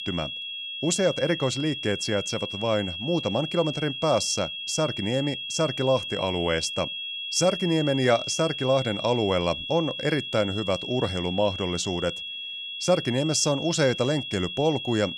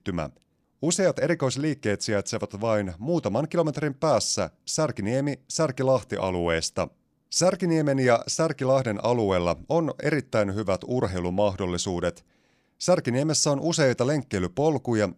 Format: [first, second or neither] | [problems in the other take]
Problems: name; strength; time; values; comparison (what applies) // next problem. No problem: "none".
second | high-pitched whine; loud; throughout; 3.5 kHz, 6 dB below the speech